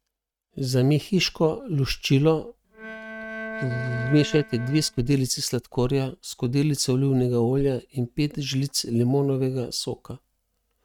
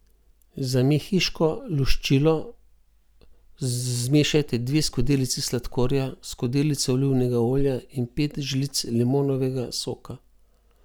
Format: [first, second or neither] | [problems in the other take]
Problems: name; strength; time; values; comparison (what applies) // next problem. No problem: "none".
second | noise reduction (neural mask model RNNoise)